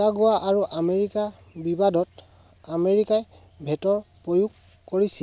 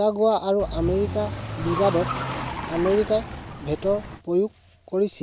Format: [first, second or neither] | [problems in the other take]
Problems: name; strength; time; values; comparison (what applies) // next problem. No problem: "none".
first | background sound (Car); 6 dB below the speech